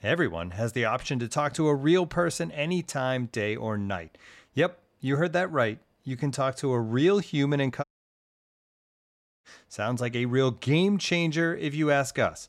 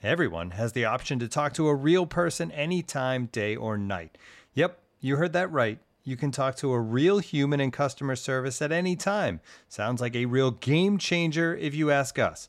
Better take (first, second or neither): second